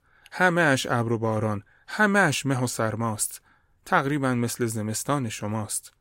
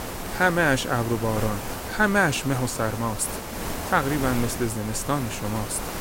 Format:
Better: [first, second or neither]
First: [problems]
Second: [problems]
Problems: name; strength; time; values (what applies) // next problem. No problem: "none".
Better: first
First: none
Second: hiss; loud; throughout; 8 dB below the speech